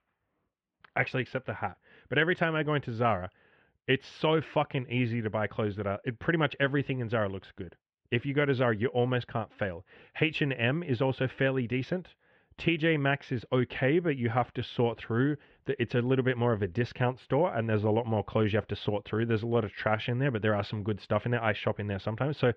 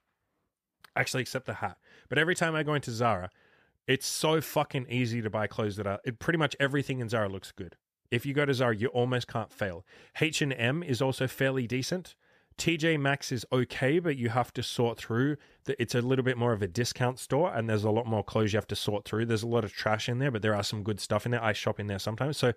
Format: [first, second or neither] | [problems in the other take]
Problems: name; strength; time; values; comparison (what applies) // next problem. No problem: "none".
second | muffled; very; fading above 3 kHz